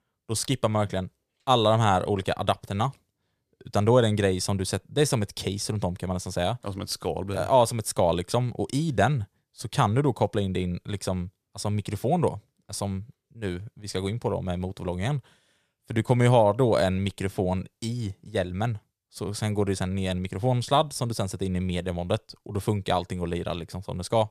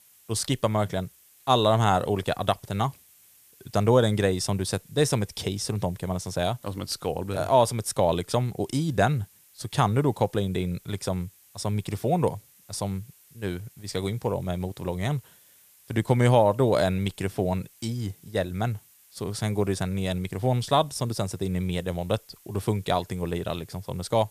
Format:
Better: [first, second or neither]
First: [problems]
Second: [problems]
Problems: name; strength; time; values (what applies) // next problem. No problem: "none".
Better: first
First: none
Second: hiss; faint; throughout; 25 dB below the speech